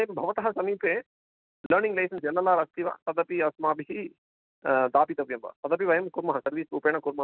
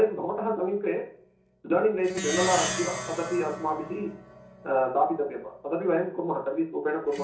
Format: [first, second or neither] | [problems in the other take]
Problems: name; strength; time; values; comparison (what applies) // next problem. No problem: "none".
first | background sound (Plucked string instrument); 10 dB below the speech // room echo; dies away in 0.6 s